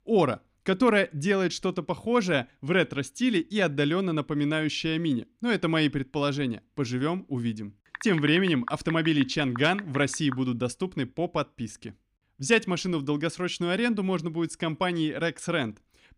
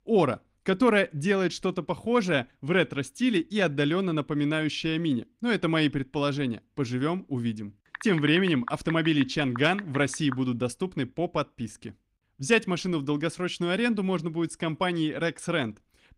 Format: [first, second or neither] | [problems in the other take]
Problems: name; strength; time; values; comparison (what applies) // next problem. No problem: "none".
first | garbled, watery; slightly; nothing above 15.5 kHz